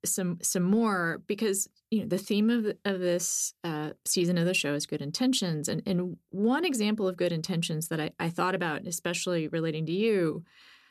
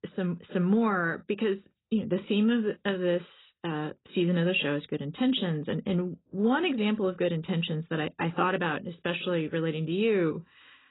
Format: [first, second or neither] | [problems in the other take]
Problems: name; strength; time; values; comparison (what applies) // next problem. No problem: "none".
first | garbled, watery; badly; nothing above 4 kHz